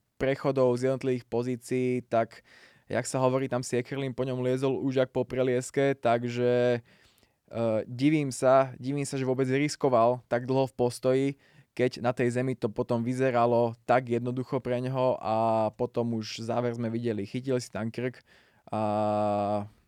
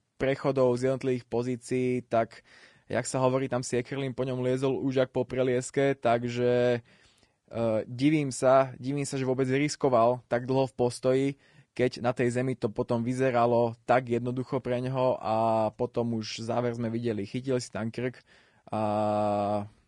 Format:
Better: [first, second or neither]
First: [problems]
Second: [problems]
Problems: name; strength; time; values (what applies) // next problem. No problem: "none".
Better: first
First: none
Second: garbled, watery; slightly